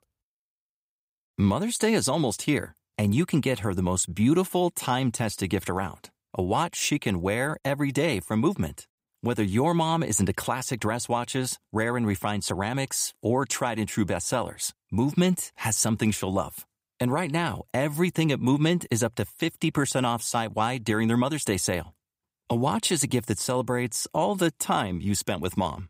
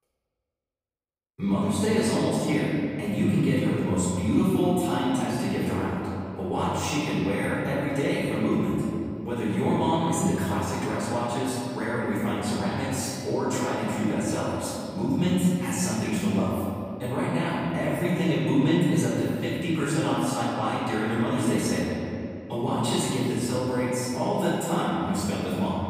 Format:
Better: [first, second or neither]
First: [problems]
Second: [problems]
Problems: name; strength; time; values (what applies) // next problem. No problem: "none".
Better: first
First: none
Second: room echo; strong; dies away in 2.5 s // off-mic speech; far